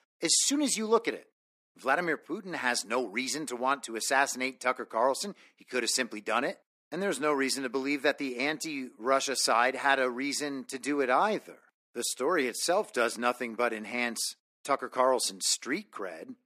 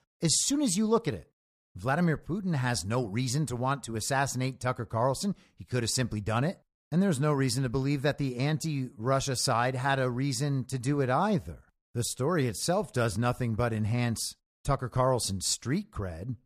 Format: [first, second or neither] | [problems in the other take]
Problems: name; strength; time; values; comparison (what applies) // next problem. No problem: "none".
second | thin; somewhat; fading below 250 Hz